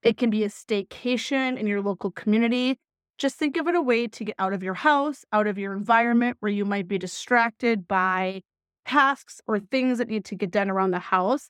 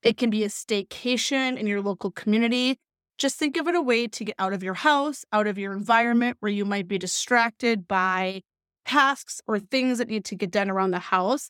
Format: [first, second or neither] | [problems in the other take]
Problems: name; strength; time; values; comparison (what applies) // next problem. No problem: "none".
second | muffled; slightly; fading above 3.5 kHz